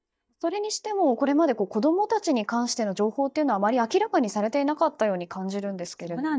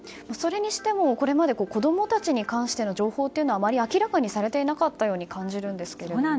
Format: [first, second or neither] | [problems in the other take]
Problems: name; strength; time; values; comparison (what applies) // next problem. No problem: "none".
second | noise reduction (neural mask model DeepFilterNet 3)